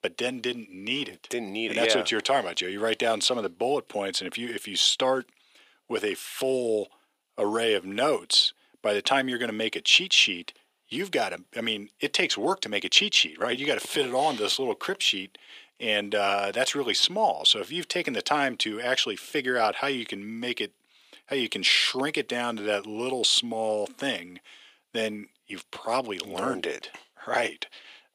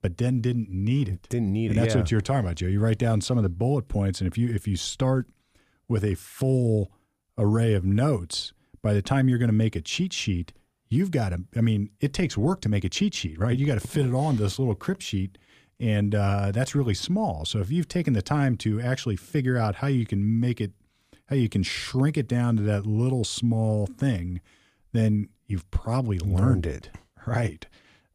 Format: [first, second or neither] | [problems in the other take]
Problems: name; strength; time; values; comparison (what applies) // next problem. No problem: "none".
second | thin; very; fading below 400 Hz